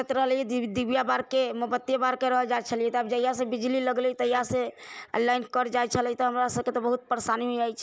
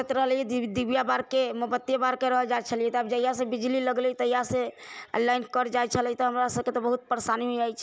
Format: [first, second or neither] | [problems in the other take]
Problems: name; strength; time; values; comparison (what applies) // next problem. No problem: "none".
second | noise reduction (neural mask model Resemble Enhance denoiser)